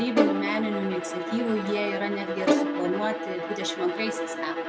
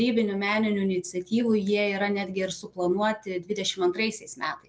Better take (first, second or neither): second